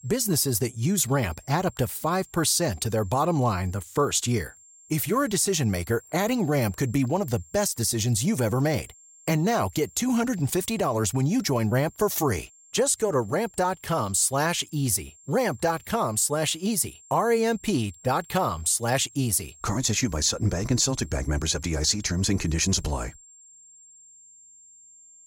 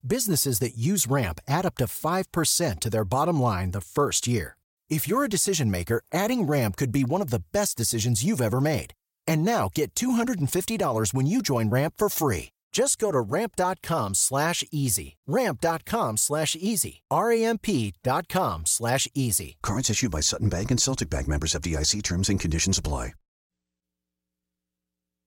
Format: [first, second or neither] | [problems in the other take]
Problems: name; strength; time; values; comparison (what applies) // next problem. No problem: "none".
second | high-pitched whine; faint; throughout; 7.5 kHz, 25 dB below the speech